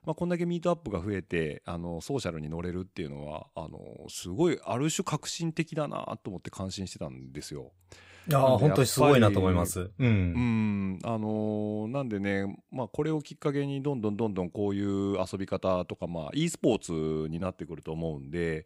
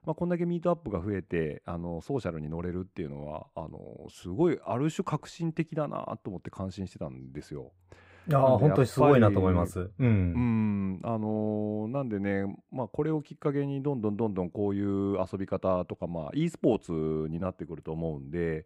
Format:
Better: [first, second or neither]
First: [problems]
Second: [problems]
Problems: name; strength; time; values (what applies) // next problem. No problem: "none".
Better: first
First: none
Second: muffled; slightly; fading above 2.5 kHz